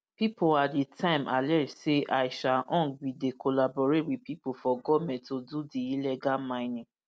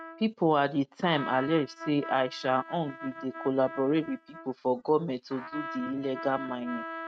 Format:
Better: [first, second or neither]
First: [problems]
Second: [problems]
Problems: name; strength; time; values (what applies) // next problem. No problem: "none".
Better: first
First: none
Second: noise reduction (neural mask model RNNoise)